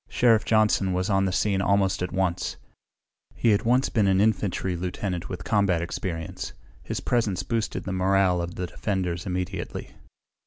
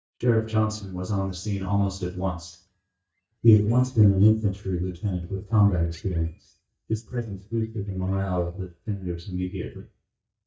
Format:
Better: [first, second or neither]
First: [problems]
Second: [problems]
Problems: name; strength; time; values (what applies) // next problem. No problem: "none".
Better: first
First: none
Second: noise reduction (neural mask model DeepFilterNet 3)